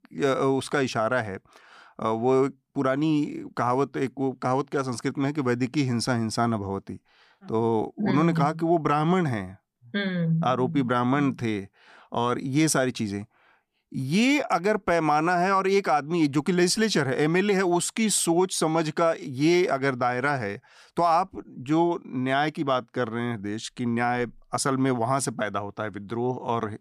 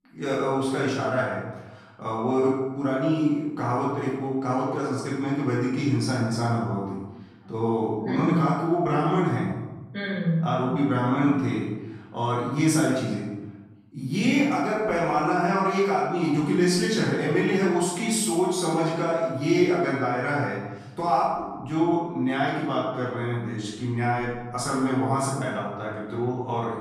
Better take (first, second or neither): first